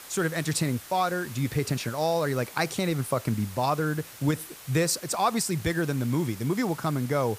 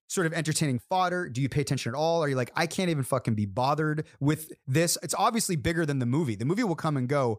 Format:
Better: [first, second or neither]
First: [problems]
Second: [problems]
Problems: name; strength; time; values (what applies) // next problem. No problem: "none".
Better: second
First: hiss; noticeable; throughout; 15 dB below the speech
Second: none